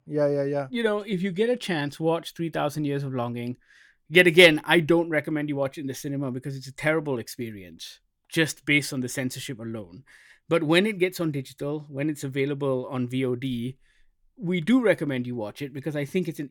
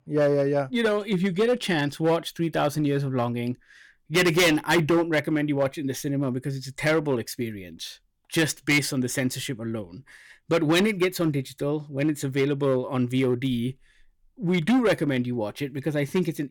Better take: first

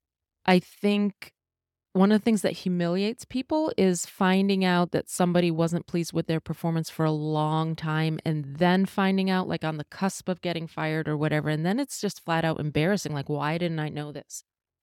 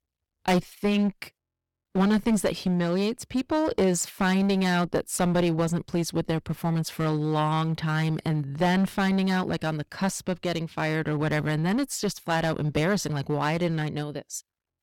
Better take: first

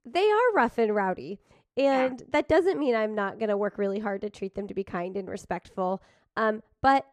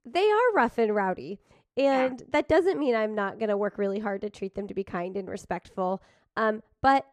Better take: neither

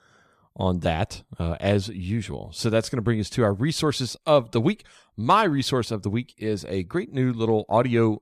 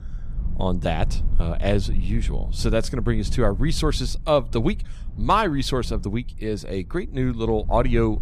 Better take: first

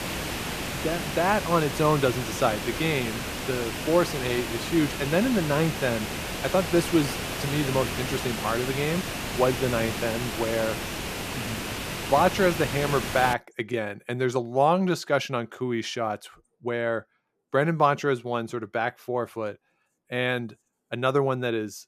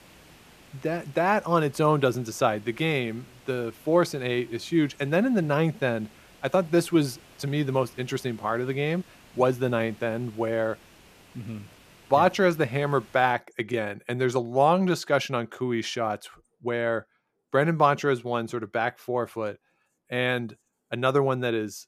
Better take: second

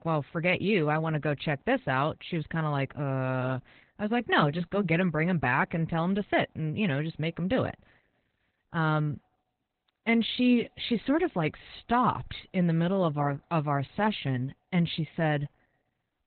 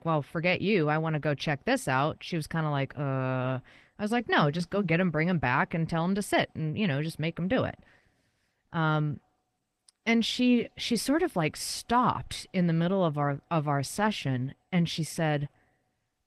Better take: second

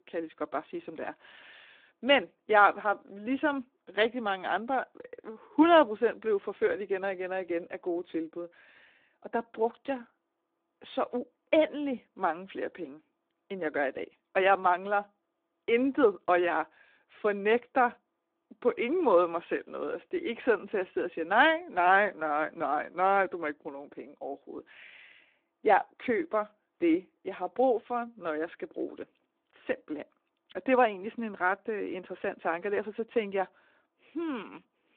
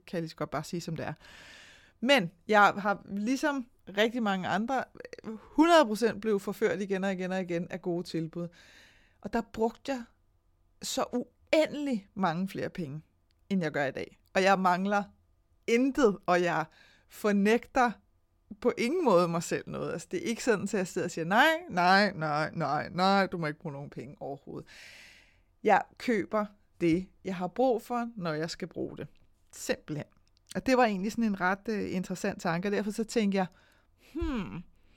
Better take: second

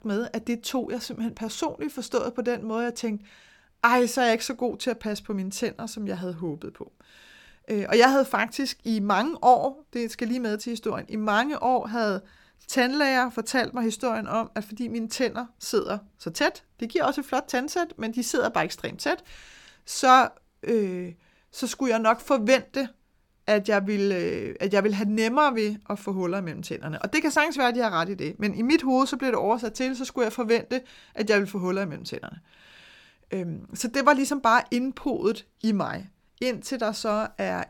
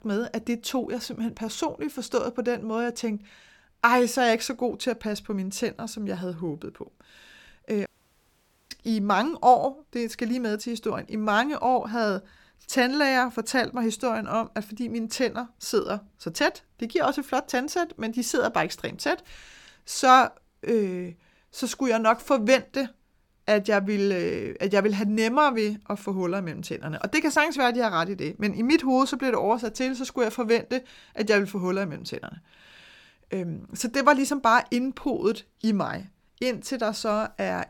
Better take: first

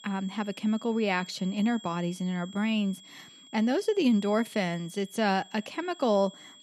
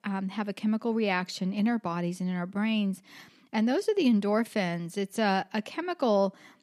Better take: second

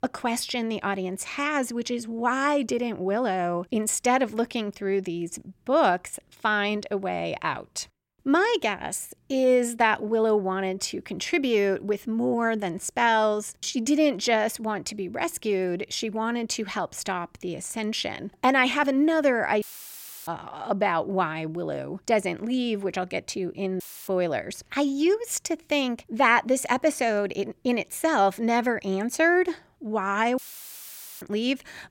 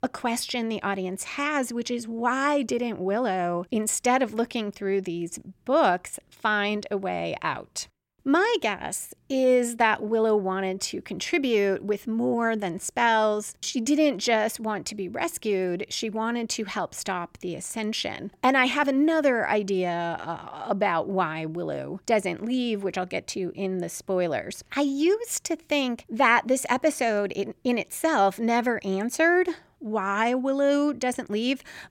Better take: second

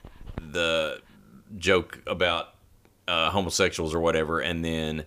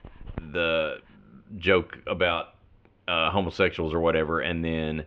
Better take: first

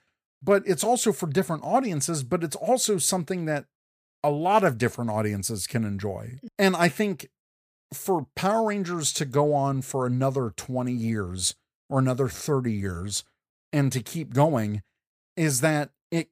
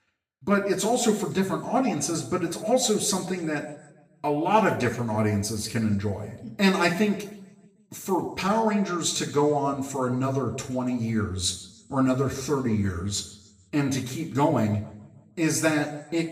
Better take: first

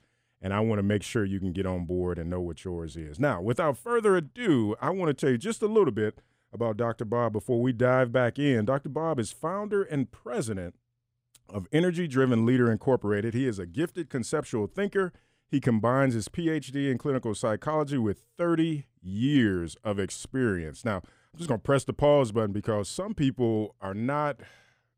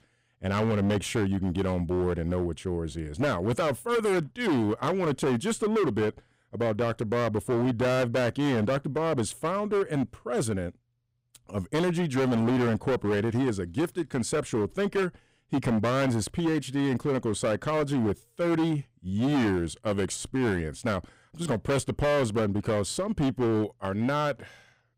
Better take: first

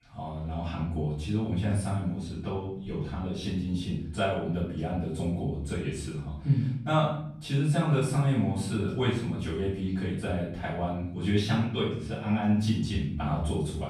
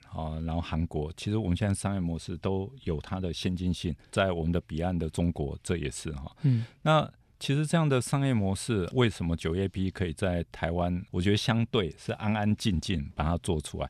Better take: second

